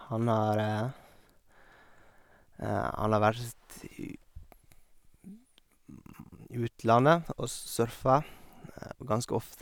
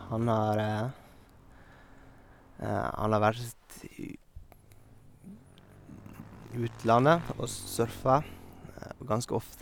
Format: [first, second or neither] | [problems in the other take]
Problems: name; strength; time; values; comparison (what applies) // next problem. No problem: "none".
first | background sound (Motorcycle / Engine); 18 dB below the speech